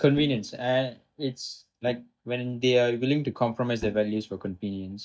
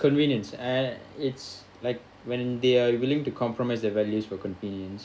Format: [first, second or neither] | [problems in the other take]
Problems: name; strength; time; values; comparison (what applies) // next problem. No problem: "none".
second | noise reduction (neural mask model DeepFilterNet 3)